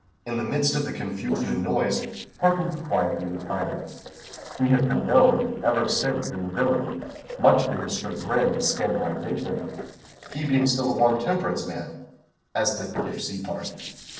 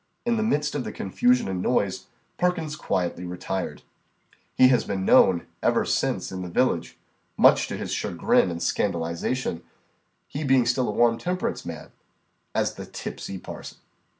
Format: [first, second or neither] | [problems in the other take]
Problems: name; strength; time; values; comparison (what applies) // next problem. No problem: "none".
second | noise reduction (neural separator model SepFormer DNS4)